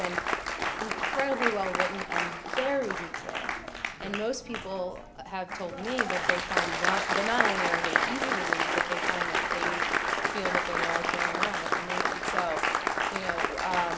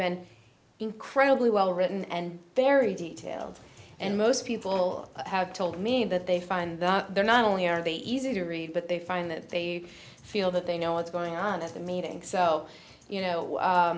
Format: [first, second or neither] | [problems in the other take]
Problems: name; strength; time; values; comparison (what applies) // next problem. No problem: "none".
second | background sound (Applause); 4 dB above the speech